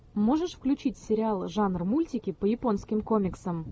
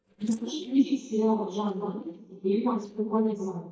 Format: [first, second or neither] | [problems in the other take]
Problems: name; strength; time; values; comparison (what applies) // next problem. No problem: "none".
first | noise reduction (neural mask model DeepFilterNet 3)